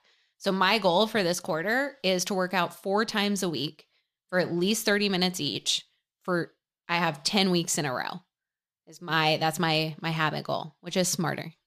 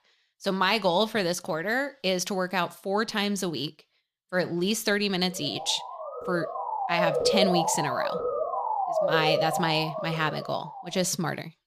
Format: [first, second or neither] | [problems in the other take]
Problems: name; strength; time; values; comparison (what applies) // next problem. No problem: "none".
first | siren; loud; from 5.5 to 11 s; peak 3 dB above the speech